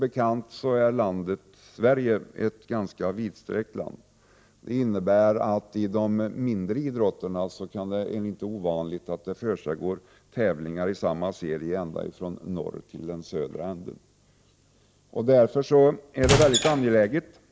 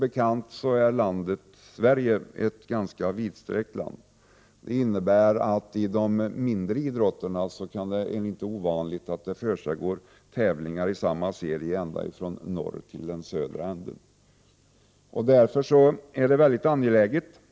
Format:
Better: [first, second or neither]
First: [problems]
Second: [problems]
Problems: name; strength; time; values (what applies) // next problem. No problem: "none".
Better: second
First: background sound (Squeak / Wood); as loud as the speech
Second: none